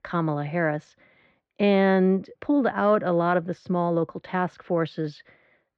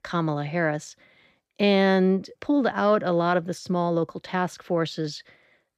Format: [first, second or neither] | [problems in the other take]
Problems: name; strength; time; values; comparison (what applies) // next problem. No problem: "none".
second | muffled; slightly; fading above 2.5 kHz